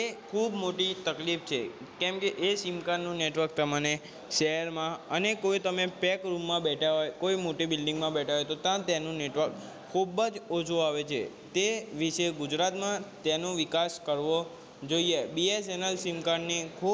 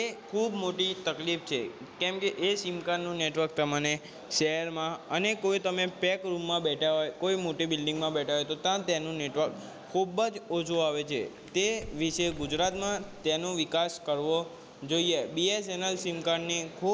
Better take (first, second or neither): first